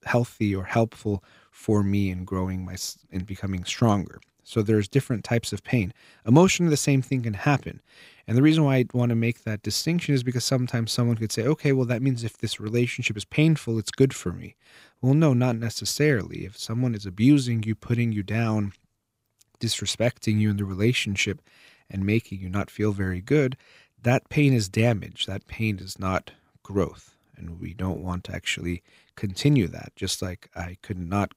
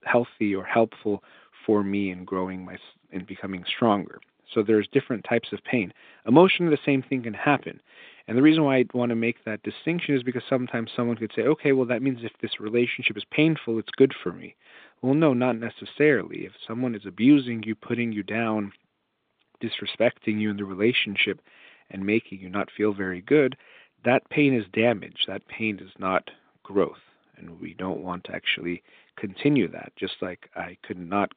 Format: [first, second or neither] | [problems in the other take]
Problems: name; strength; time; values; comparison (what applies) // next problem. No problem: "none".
first | phone-call audio; nothing above 3.5 kHz